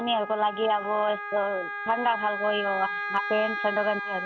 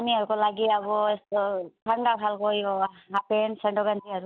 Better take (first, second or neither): second